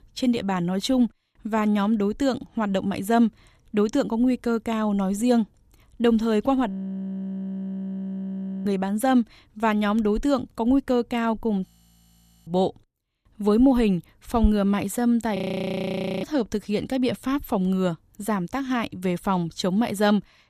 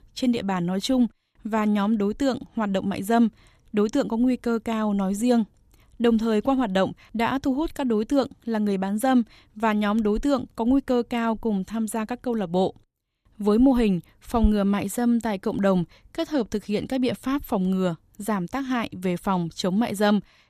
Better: second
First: audio freezing; at 6.5 s for 2 s, at 12 s for 1 s and at 15 s for 1 s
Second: none

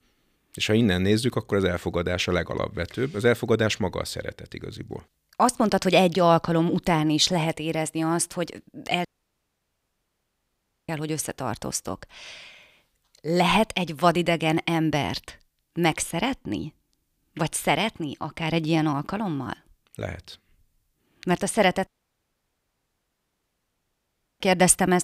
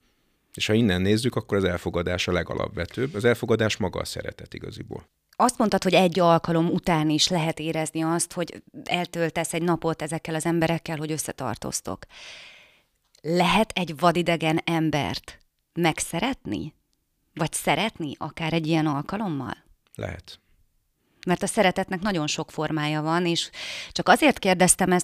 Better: second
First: audio cutting out; at 9 s for 2 s and at 22 s for 2.5 s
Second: none

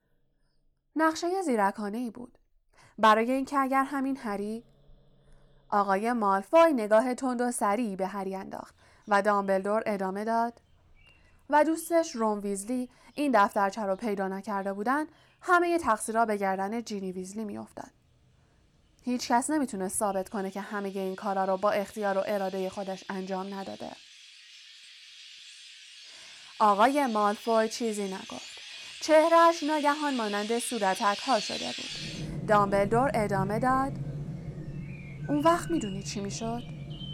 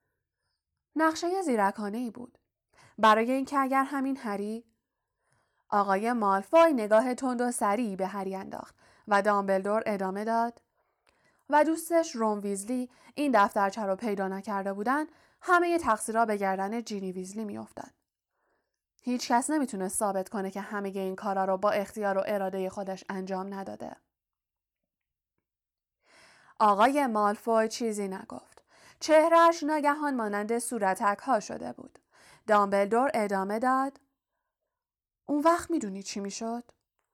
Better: second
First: animal sounds; noticeable; throughout; 10 dB below the speech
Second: none

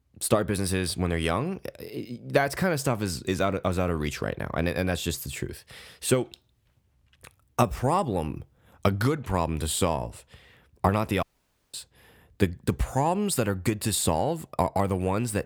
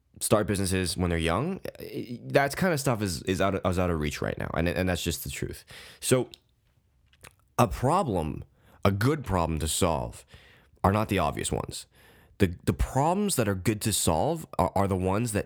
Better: second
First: audio cutting out; at 11 s for 0.5 s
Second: none

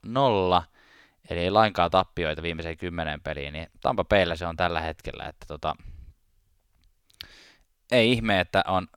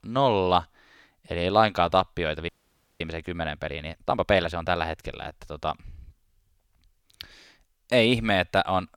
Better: first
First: none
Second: audio freezing; at 2.5 s for 0.5 s

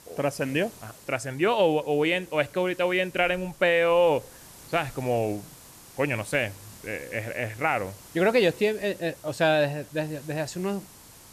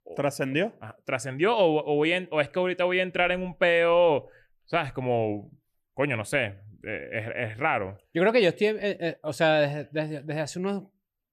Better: second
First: hiss; faint; throughout; 20 dB below the speech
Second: none

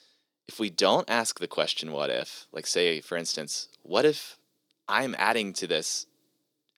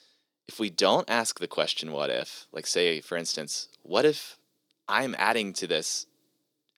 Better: neither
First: thin; somewhat; fading below 450 Hz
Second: thin; somewhat; fading below 450 Hz

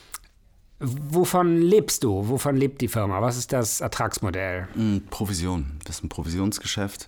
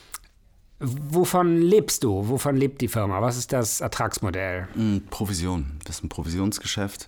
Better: neither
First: none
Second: none

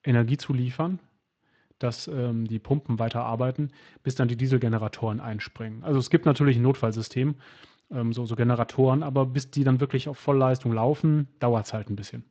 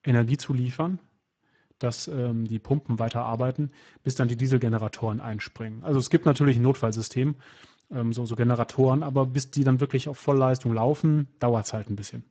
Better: first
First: garbled, watery; slightly; nothing above 17 kHz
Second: garbled, watery; badly; nothing above 7.5 kHz

